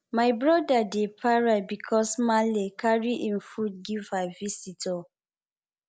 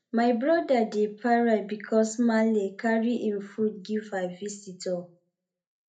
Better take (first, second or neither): first